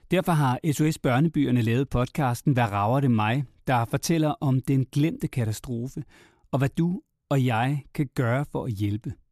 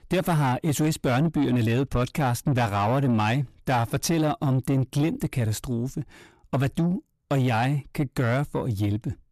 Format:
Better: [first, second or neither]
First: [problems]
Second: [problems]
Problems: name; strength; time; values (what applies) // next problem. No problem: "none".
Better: first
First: none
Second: distortion; slight; 10 dB below the speech